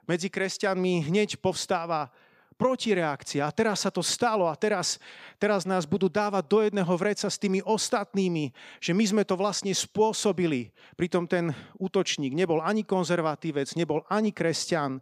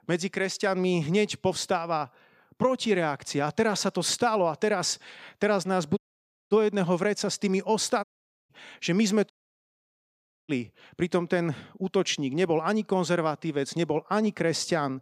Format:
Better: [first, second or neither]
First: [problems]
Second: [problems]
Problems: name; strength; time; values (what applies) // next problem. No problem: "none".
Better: first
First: none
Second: audio cutting out; at 6 s for 0.5 s, at 8 s and at 9.5 s for 1 s